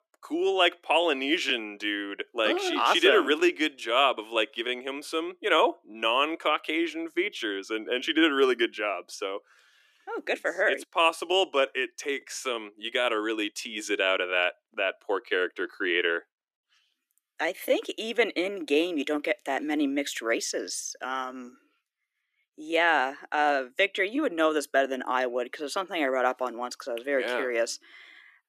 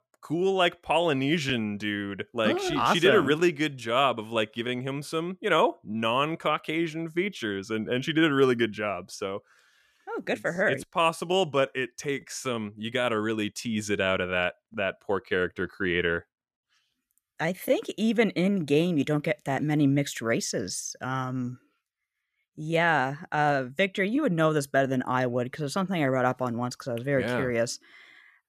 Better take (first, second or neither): second